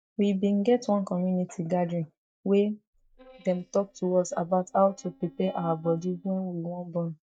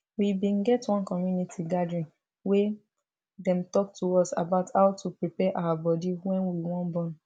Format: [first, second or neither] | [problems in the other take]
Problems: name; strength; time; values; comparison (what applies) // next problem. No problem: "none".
second | noise reduction (neural mask model DeepFilterNet 3)